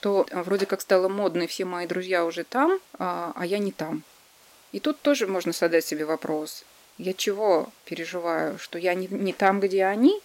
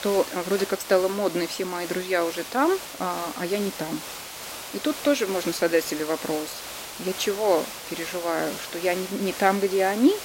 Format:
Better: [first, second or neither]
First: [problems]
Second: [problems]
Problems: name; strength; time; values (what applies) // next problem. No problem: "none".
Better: first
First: hiss; faint; throughout; 25 dB below the speech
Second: hiss; loud; throughout; 9 dB below the speech